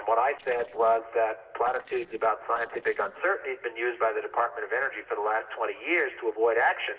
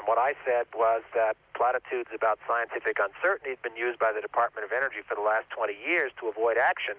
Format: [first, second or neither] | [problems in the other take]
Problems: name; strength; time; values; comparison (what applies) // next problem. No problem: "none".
second | noise reduction (neural separator model SepFormer DNS4)